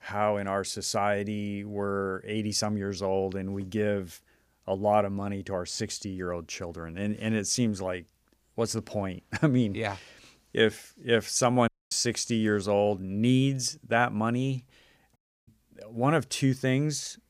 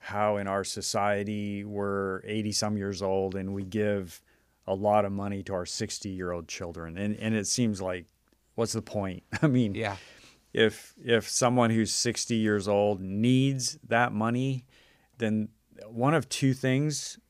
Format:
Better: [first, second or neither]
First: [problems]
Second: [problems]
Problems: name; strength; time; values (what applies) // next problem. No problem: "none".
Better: second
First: audio cutting out; at 12 s and at 15 s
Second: none